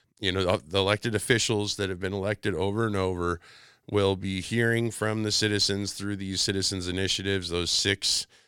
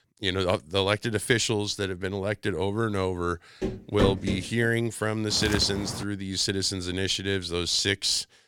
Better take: first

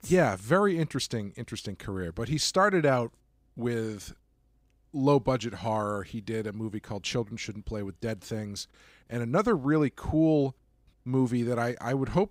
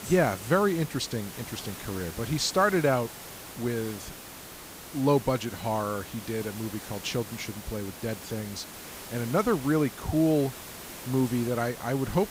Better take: first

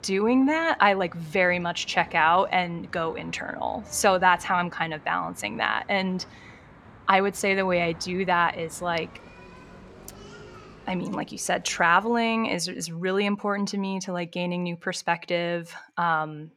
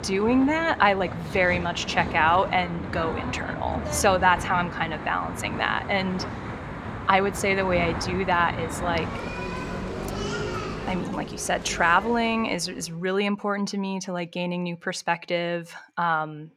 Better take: first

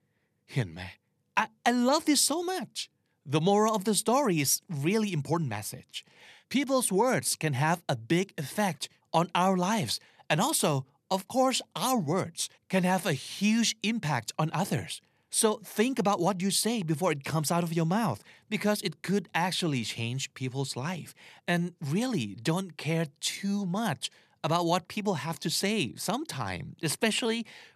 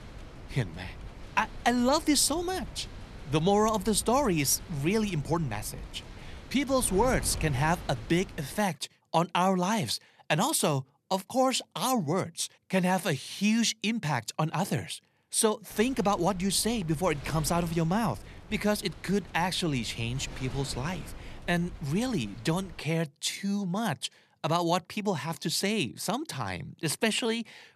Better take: first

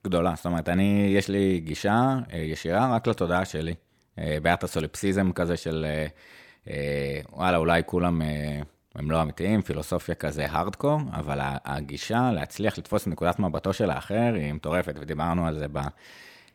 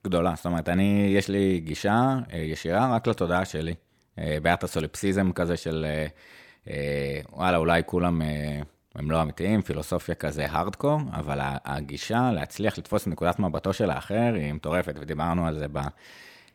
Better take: neither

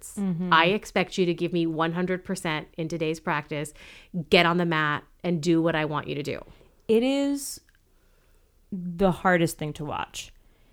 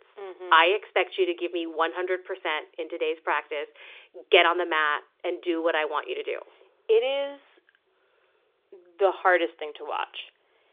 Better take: first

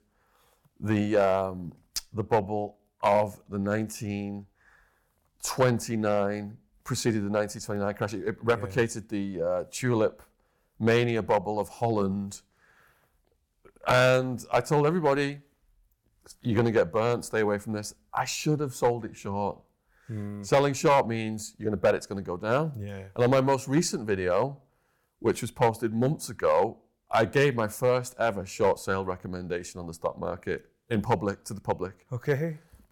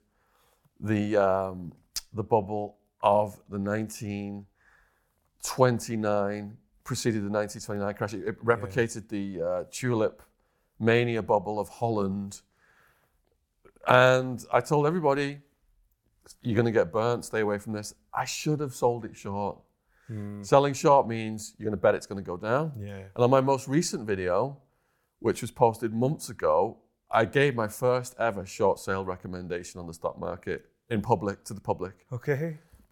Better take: second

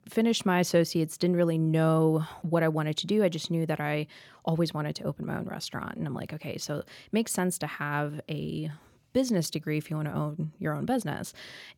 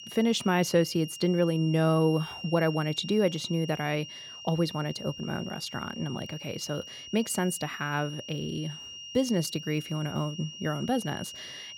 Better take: first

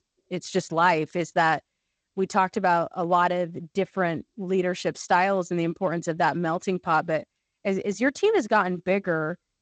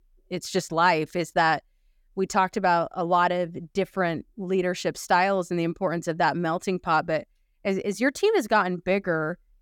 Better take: second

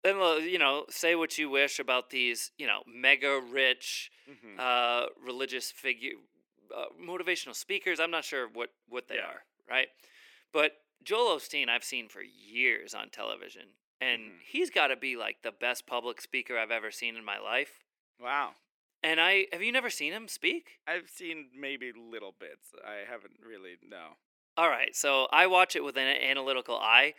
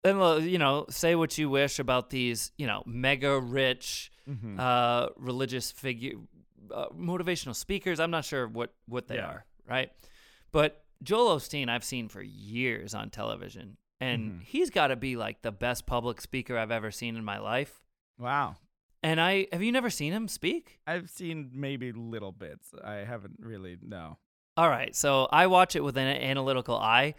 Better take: second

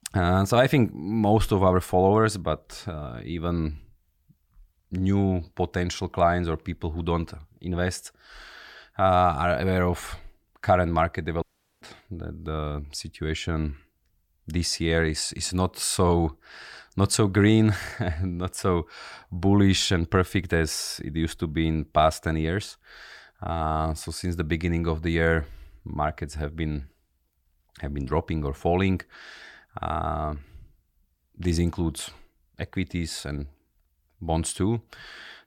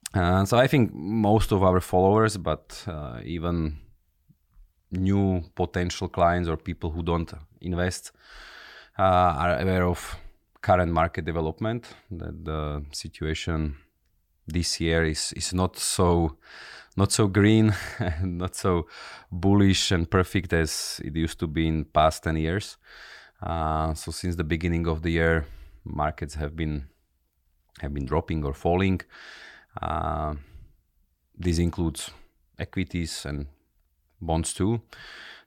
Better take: second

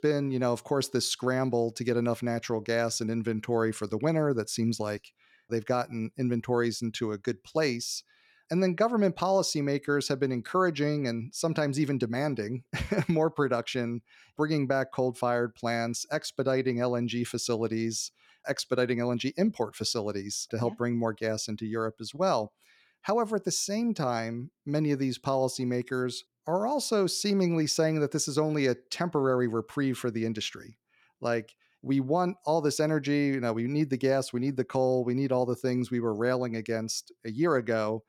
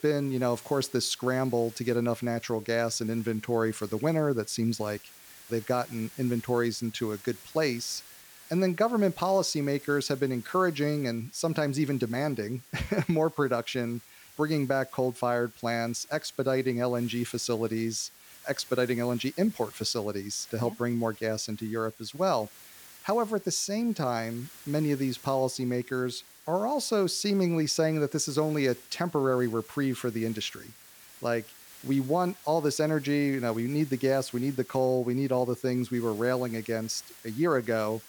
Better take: first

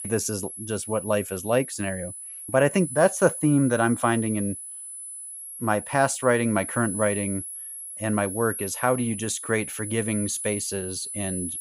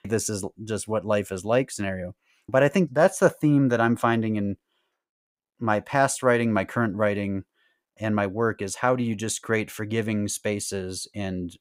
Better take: second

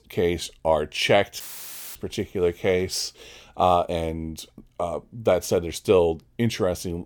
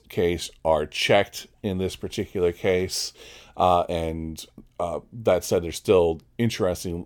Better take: second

